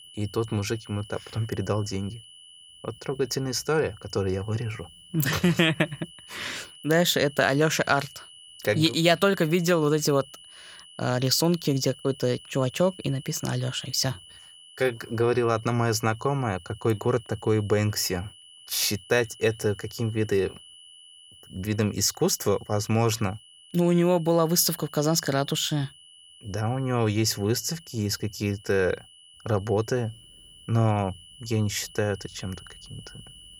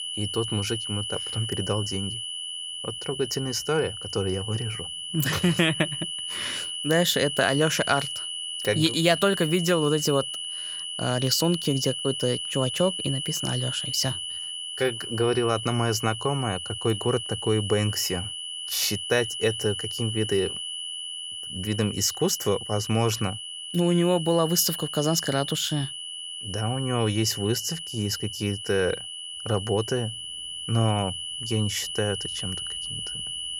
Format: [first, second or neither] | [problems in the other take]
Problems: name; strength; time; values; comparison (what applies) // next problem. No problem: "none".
first | high-pitched whine; loud; throughout; 3 kHz, 5 dB below the speech; faint in the first